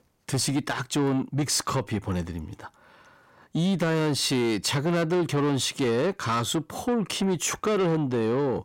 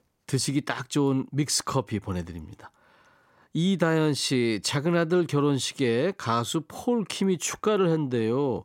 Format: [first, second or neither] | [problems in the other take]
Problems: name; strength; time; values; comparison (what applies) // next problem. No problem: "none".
second | distortion; slight; 10 dB below the speech